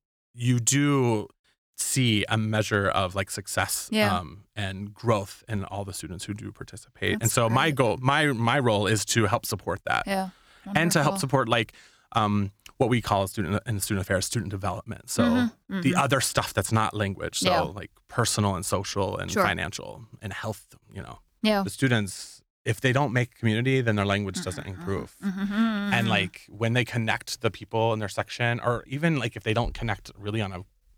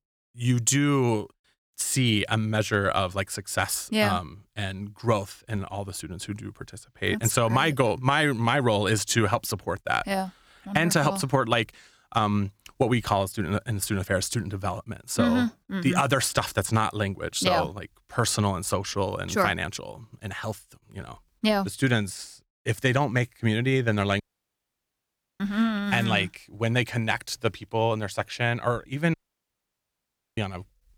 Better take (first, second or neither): first